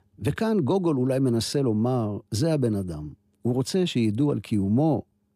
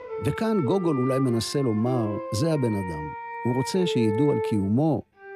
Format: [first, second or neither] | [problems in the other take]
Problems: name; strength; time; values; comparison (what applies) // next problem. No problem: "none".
first | background music; loud; throughout; 7 dB below the speech